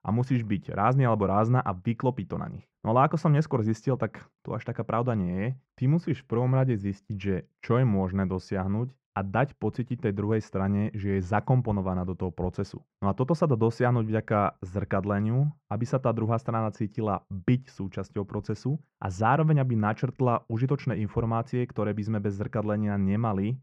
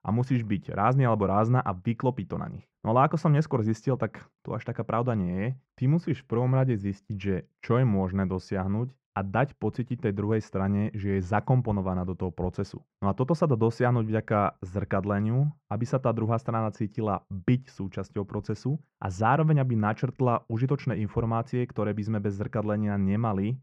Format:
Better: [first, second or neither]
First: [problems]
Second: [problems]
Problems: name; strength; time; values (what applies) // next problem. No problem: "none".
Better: neither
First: muffled; very; fading above 1.5 kHz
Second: muffled; very; fading above 1.5 kHz